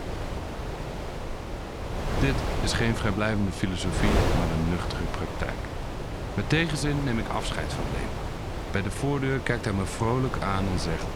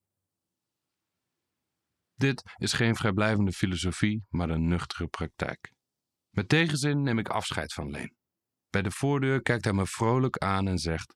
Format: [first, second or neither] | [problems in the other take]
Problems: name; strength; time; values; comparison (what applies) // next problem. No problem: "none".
second | wind noise on the microphone; heavy; 4 dB below the speech